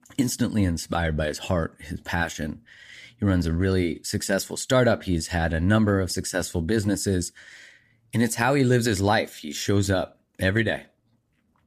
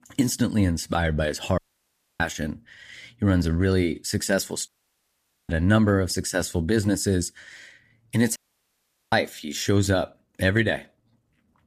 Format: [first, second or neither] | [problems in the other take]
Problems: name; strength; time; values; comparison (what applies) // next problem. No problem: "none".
first | audio cutting out; at 1.5 s for 0.5 s, at 4.5 s for 1 s and at 8.5 s for 1 s